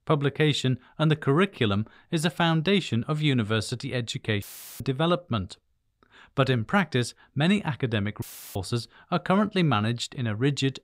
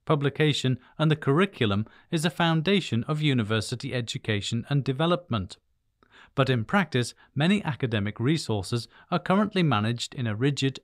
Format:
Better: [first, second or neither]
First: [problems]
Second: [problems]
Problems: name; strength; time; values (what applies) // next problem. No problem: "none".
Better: second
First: audio cutting out; filled with static; at 4.5 s and at 8 s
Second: none